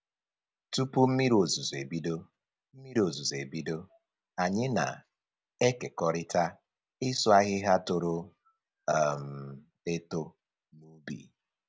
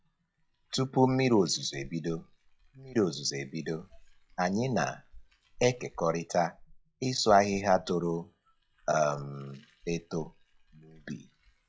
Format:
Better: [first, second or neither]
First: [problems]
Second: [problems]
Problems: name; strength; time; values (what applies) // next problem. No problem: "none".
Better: first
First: none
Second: noise reduction (classical method log-MMSE)